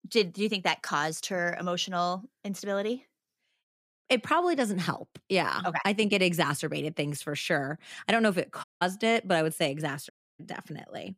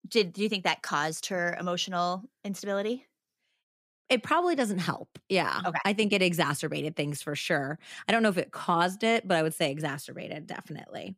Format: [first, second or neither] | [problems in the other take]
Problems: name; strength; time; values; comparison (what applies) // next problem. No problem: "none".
second | audio cutting out; at 8.5 s and at 10 s